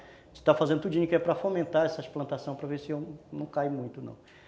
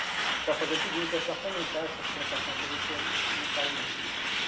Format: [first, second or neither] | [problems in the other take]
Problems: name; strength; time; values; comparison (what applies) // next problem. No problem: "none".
first | background sound (Truck); 5 dB above the speech // room echo; dies away in 0.2 s